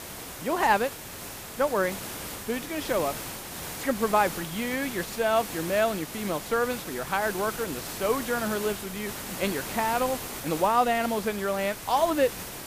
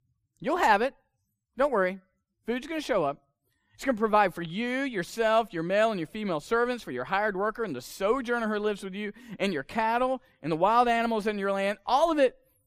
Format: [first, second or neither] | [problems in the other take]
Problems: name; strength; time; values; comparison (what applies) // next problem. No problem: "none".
second | hiss; loud; throughout; 8 dB below the speech